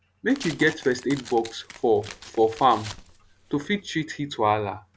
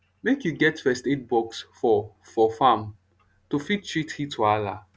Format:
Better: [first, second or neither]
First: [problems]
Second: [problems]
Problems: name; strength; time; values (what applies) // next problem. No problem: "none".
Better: second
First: background sound (Tearing); 17 dB below the speech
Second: none